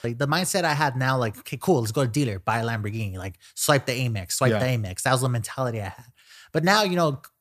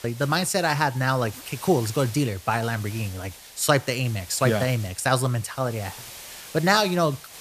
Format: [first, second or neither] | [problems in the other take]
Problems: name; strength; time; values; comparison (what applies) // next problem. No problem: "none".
first | hiss; noticeable; throughout; 15 dB below the speech